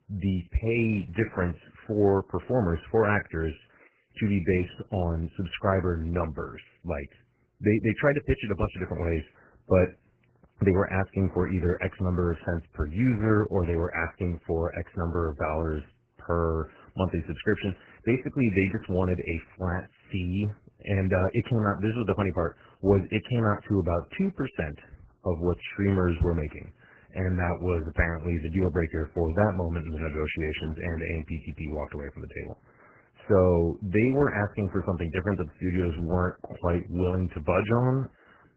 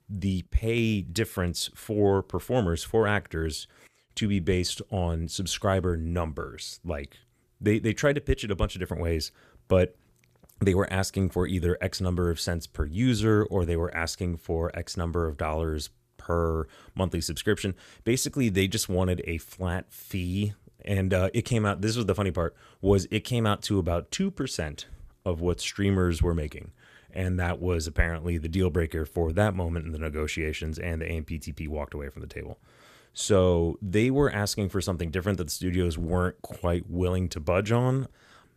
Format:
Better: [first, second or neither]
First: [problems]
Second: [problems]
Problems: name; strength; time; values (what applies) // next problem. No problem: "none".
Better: second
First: garbled, watery; badly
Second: none